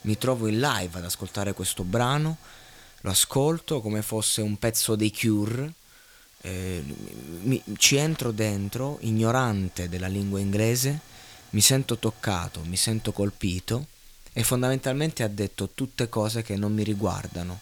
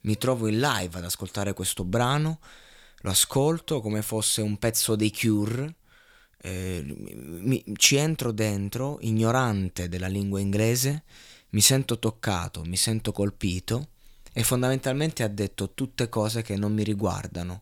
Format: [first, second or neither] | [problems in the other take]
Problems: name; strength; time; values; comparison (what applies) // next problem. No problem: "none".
second | hiss; faint; throughout; 25 dB below the speech